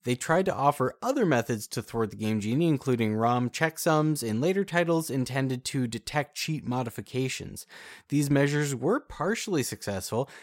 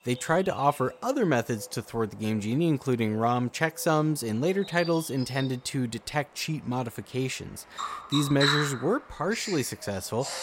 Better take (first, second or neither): first